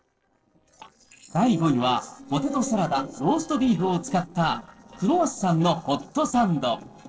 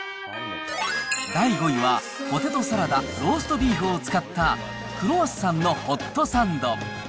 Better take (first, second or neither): second